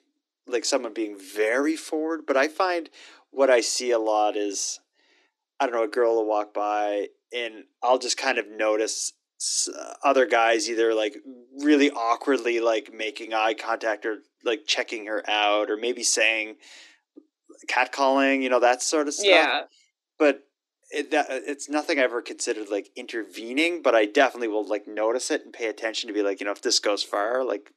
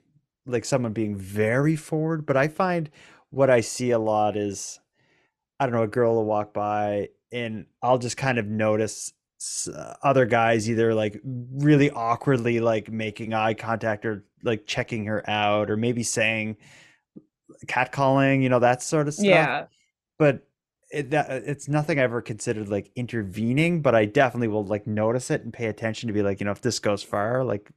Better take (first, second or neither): second